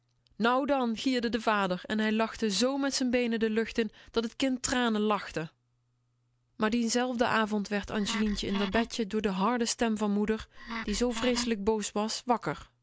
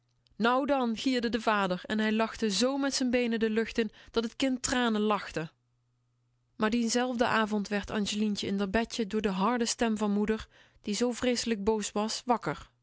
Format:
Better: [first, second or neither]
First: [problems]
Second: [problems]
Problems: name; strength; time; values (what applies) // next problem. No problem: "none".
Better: second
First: background sound (Wood); 8 dB below the speech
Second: none